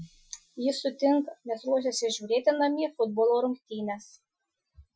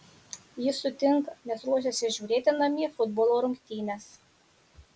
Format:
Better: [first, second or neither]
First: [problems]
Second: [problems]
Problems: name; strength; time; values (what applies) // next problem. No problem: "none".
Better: second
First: noise reduction (classical method Wiener filter)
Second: none